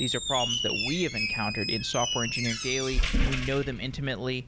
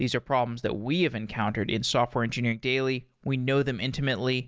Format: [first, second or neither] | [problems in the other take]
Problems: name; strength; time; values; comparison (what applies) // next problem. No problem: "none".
second | background sound (Squeak); 1 dB above the speech